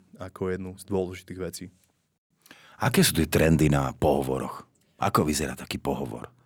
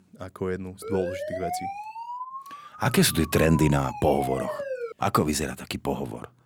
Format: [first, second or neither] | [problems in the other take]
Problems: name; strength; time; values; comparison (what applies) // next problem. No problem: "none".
first | siren; noticeable; from 1 to 5 s; peak 6 dB below the speech